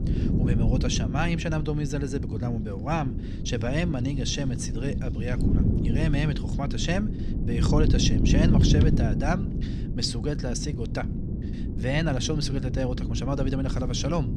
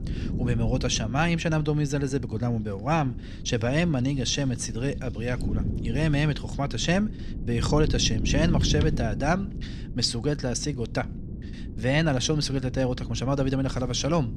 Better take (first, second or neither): second